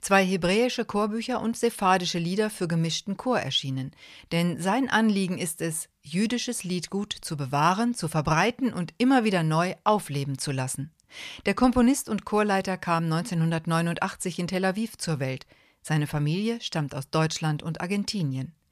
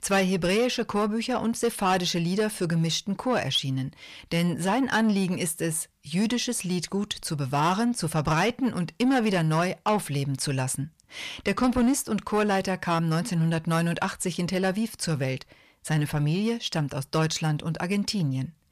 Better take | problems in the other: first | distortion; slight; 10 dB below the speech

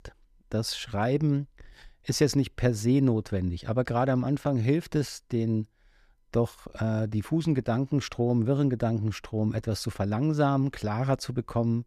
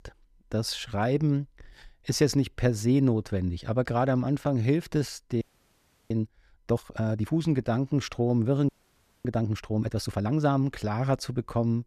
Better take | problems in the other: first | audio freezing; at 5.5 s for 0.5 s and at 8.5 s for 0.5 s

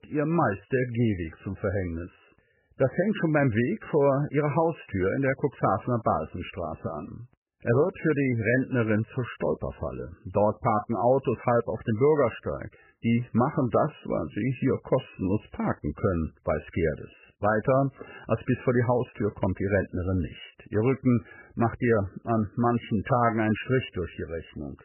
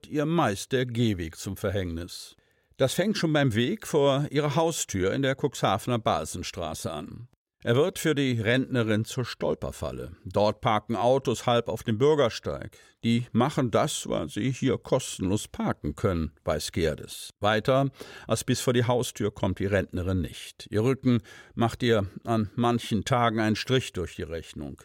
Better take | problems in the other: second | garbled, watery; badly; nothing above 3 kHz

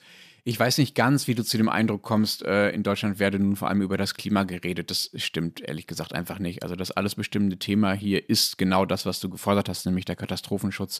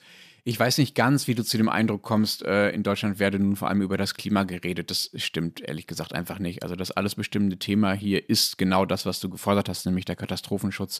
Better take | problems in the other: neither | none

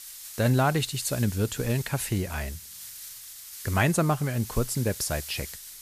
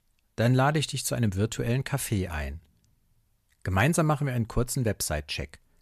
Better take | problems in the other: second | hiss; noticeable; throughout; 10 dB below the speech

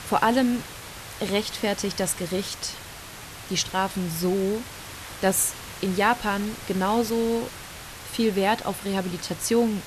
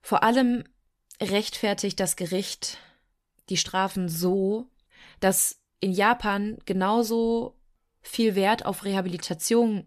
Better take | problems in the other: second | hiss; noticeable; throughout; 10 dB below the speech

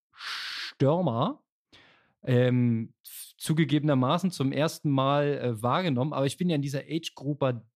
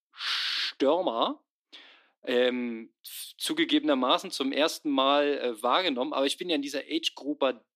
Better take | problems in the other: first | thin; somewhat; fading below 300 Hz

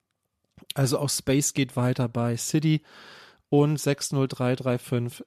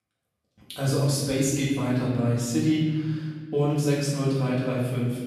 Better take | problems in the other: first | off-mic speech; far // room echo; strong; dies away in 1.4 s

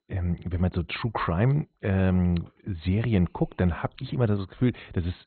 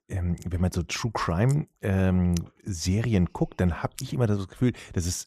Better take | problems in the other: second | garbled, watery; badly; nothing above 4 kHz

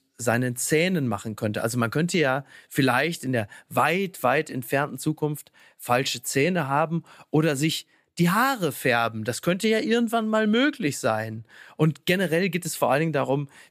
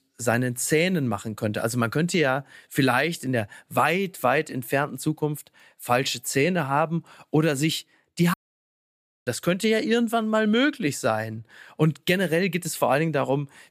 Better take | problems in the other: first | audio cutting out; at 8.5 s for 1 s

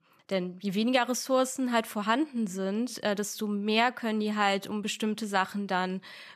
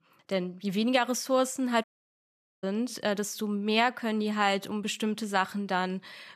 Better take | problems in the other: first | audio cutting out; at 2 s for 1 s

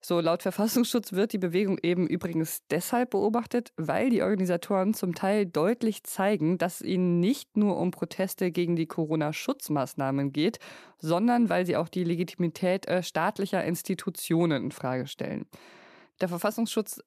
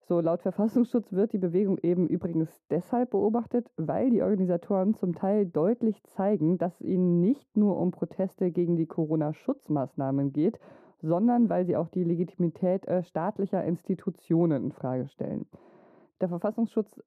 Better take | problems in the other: first | muffled; very; fading above 1.5 kHz

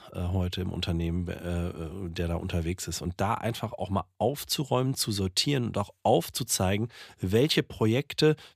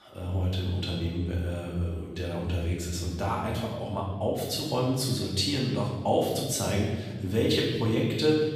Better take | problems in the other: first | off-mic speech; far // room echo; noticeable; dies away in 1.4 s

